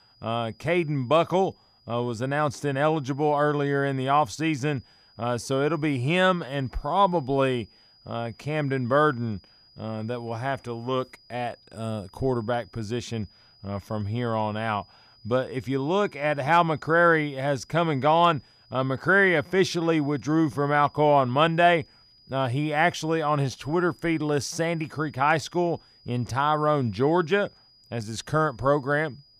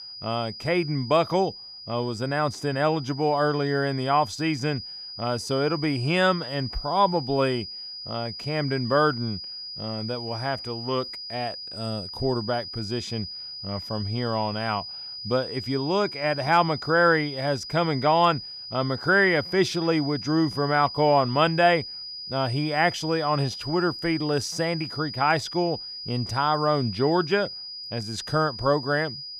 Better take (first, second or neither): first